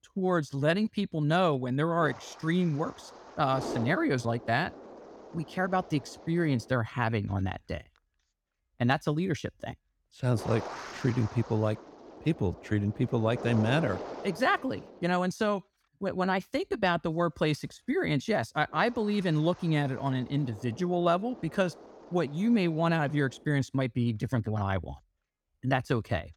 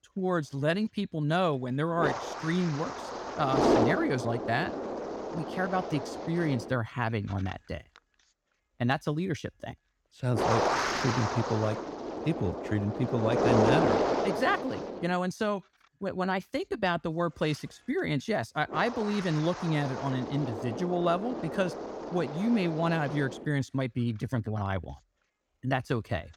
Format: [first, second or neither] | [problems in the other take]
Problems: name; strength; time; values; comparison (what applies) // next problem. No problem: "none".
first | wind noise on the microphone; heavy; as loud as the speech; occasional gusts in the first